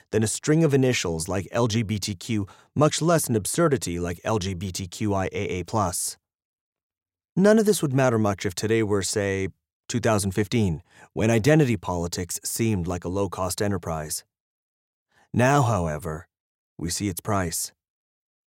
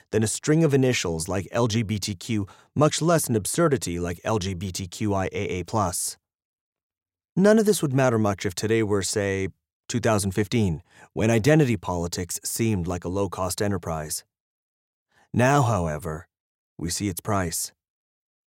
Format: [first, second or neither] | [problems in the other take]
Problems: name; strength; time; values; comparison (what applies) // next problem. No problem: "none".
neither | none